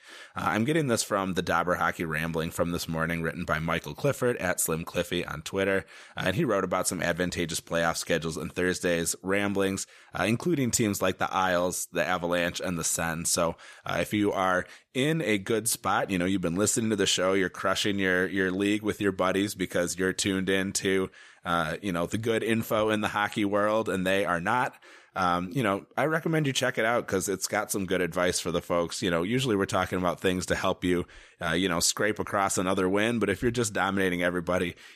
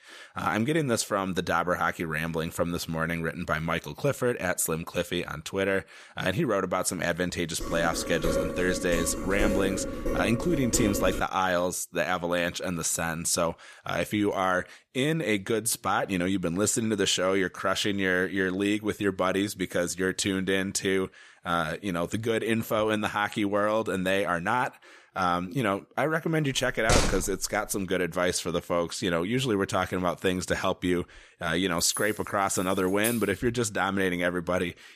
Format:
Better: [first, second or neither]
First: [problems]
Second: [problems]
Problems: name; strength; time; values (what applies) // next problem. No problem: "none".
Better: first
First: none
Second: clattering dishes; noticeable; from 7.5 to 11 s; peak 1 dB below the speech // door banging; loud; at 27 s; peak 2 dB above the speech // jangling keys; noticeable; from 32 to 33 s; peak 6 dB below the speech